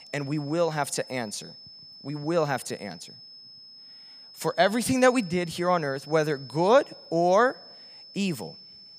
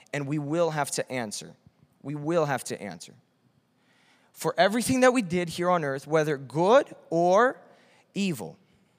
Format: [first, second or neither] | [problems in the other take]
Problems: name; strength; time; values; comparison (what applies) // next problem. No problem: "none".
second | high-pitched whine; noticeable; throughout; 5 kHz, 20 dB below the speech